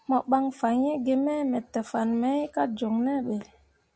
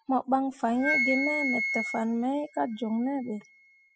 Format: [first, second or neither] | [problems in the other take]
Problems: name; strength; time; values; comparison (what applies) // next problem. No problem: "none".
first | noise reduction (classical method spectral subtraction)